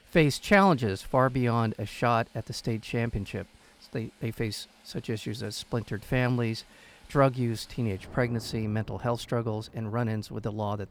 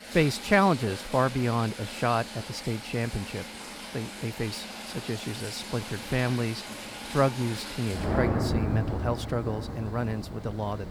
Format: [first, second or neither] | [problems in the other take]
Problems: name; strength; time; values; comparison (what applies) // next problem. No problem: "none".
first | rain or running water; loud; throughout; 6 dB below the speech; faint in the first